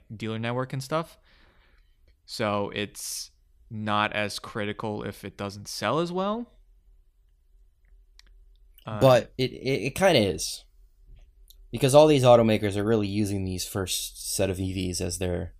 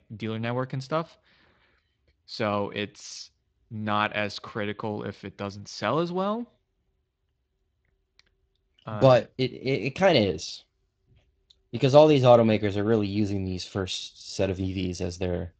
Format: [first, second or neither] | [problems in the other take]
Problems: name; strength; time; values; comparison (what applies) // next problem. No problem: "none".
first | garbled, watery; slightly; nothing above 7.5 kHz